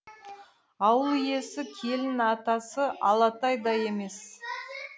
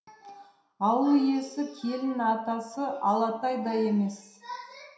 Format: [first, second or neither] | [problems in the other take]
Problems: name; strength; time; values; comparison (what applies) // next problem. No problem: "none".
first | room echo; dies away in 0.7 s